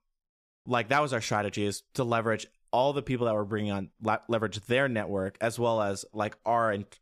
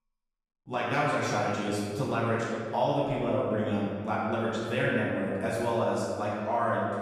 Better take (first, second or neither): first